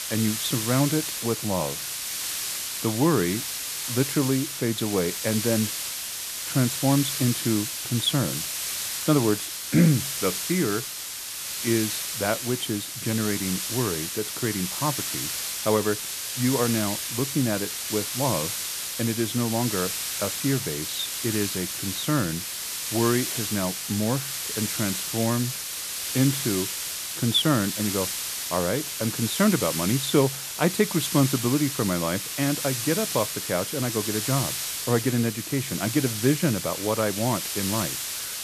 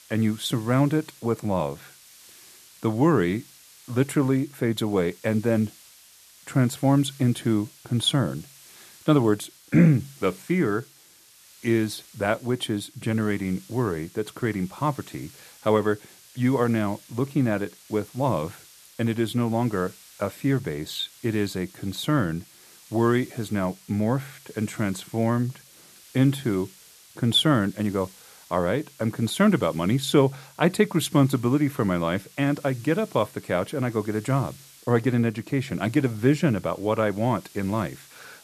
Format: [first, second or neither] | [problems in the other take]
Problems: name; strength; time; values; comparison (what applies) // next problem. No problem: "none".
second | hiss; loud; throughout; 2 dB below the speech; faint in the second